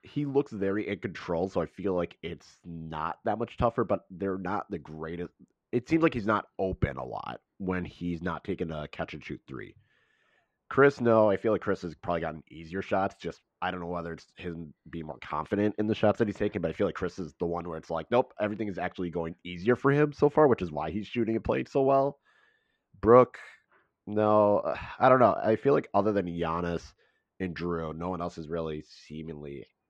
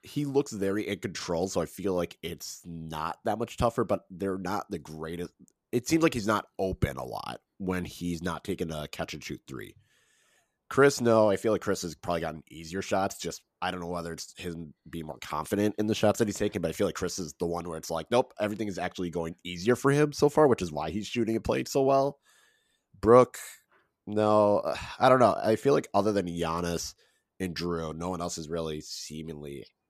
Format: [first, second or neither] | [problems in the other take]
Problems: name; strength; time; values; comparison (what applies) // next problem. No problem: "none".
second | muffled; very; fading above 2 kHz